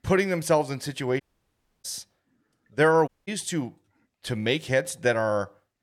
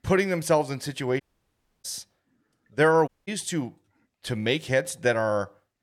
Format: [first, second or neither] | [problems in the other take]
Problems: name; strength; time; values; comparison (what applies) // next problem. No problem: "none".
neither | audio cutting out; at 1 s for 0.5 s and at 3 s; the same in both